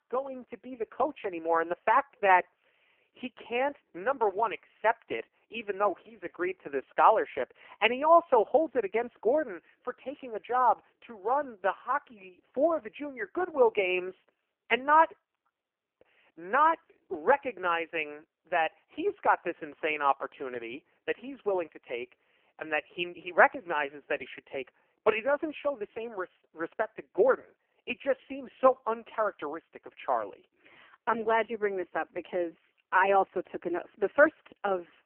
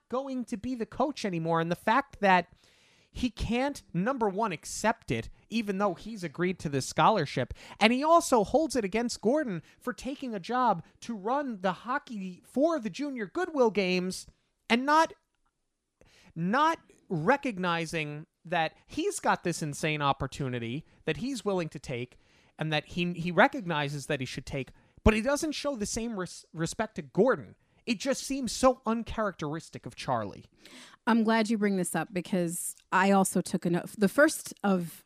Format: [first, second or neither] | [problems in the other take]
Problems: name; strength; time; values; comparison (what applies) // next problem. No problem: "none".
second | phone-call audio; poor line; nothing above 3 kHz